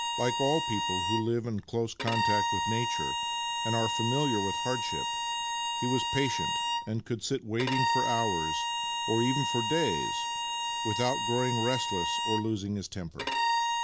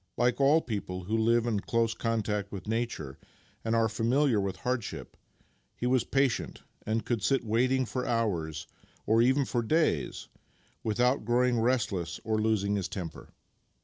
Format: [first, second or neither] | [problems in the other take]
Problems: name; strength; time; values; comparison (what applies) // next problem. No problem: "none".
second | background sound (Bowed string instrument); 1 dB above the speech